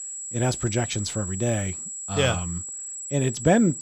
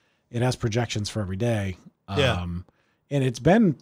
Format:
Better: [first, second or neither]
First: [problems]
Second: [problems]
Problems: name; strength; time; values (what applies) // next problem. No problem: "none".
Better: second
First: high-pitched whine; loud; throughout; 8 kHz, 6 dB below the speech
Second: none